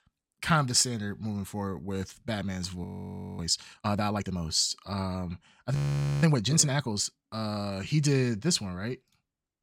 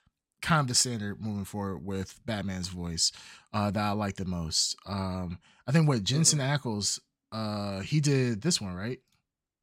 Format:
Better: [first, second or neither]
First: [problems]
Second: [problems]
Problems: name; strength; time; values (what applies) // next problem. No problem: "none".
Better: second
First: audio freezing; at 3 s for 0.5 s and at 6 s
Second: none